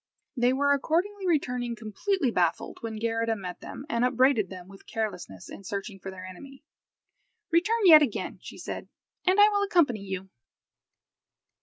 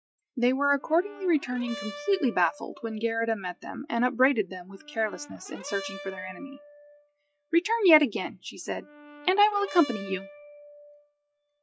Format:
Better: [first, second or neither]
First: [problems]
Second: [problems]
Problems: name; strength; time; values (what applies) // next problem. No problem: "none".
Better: first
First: none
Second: noise reduction (classical method log-MMSE)